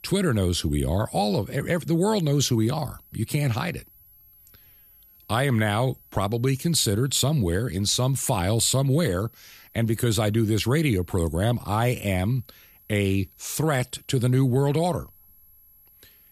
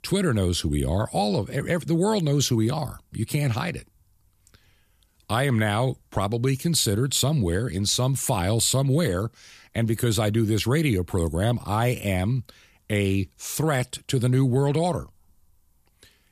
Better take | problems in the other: second | high-pitched whine; faint; throughout; 11.5 kHz, 25 dB below the speech

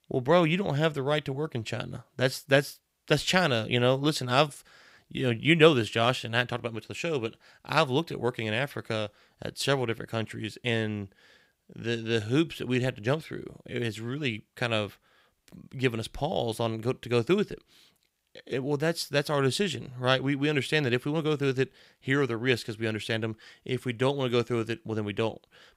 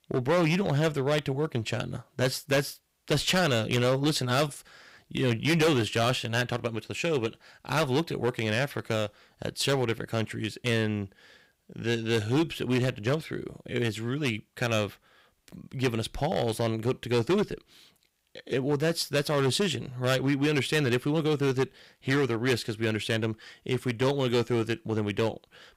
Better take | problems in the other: first | distortion; heavy; 7% of the sound clipped

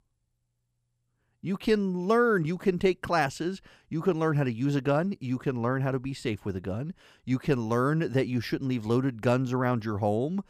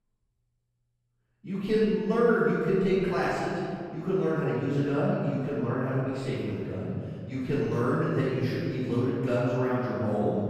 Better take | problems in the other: first | off-mic speech; far // room echo; strong; dies away in 2 s

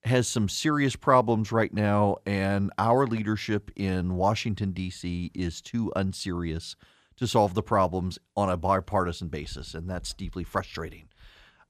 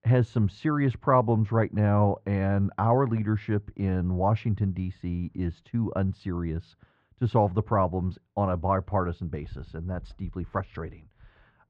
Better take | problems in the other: first | muffled; very; fading above 1.5 kHz

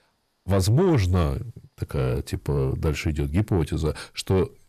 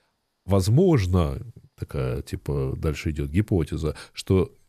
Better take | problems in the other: second | distortion; slight; 10 dB below the speech

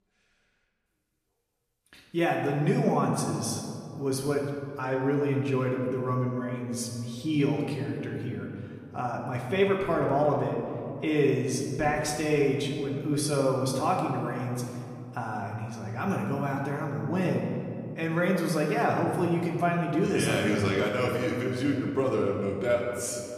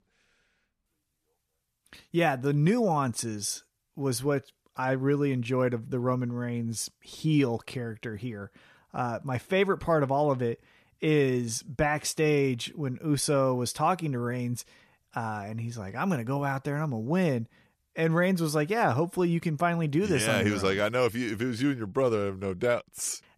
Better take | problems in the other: second | room echo; noticeable; dies away in 2 s // off-mic speech; somewhat distant

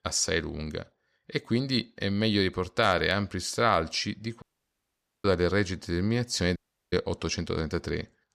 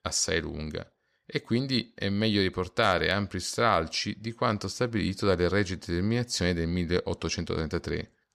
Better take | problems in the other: second | audio cutting out; at 4.5 s for 1 s and at 6.5 s

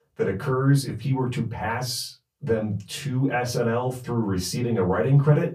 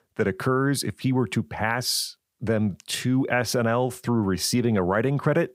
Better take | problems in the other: second | off-mic speech; far // room echo; very slight; dies away in 0.2 s

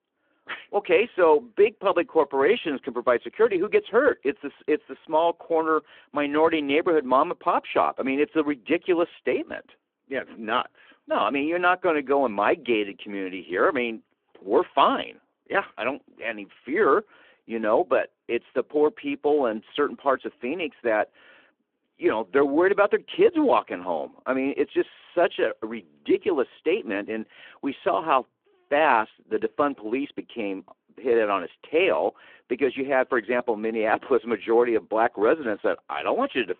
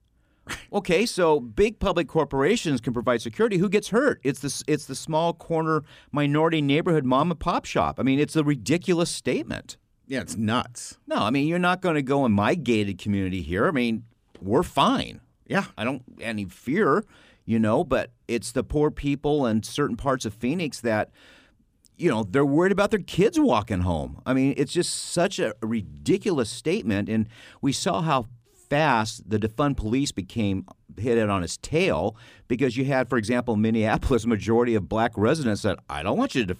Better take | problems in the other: second | phone-call audio

